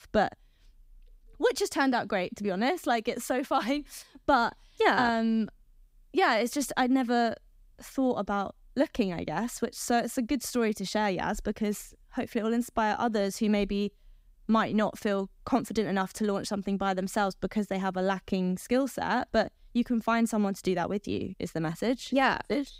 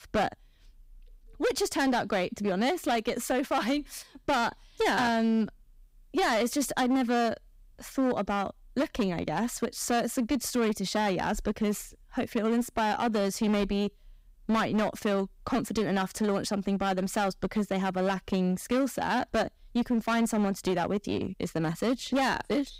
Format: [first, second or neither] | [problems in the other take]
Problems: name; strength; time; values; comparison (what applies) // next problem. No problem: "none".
first | distortion; slight; 14% of the sound clipped